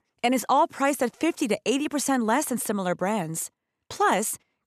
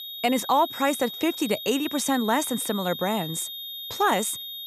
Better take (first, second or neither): first